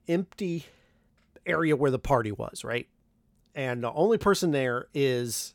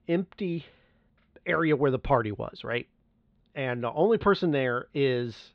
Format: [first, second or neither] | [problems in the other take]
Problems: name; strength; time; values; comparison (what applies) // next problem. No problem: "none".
first | muffled; slightly; fading above 4 kHz